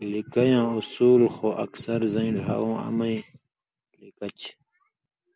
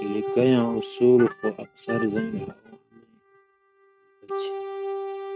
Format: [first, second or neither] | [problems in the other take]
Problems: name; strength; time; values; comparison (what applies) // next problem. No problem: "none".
first | noise reduction (neural mask model RNNoise)